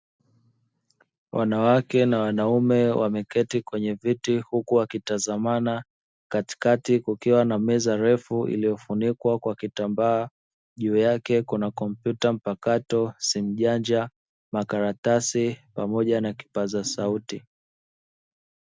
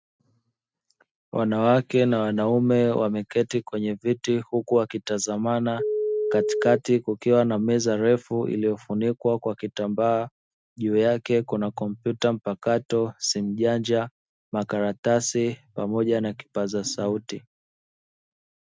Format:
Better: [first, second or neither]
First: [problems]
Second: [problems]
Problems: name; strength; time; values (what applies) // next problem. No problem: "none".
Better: first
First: none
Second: noise reduction (neural mask model RNNoise)